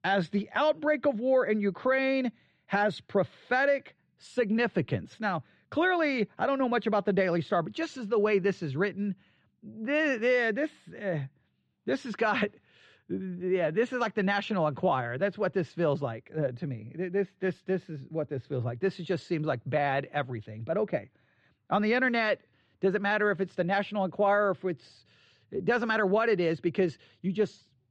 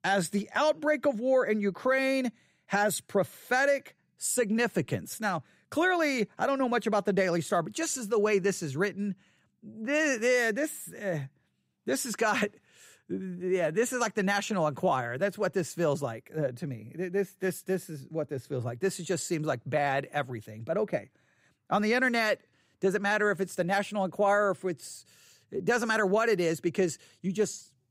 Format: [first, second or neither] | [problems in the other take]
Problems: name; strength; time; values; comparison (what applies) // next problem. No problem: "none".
second | muffled; slightly; fading above 4 kHz